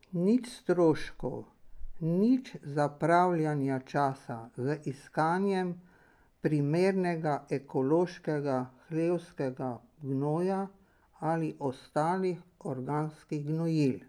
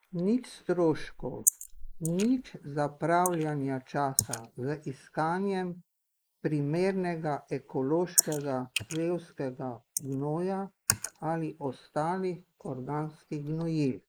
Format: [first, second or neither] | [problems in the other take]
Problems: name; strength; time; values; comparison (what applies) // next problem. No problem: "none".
first | noise reduction (neural mask model Resemble Enhance denoiser)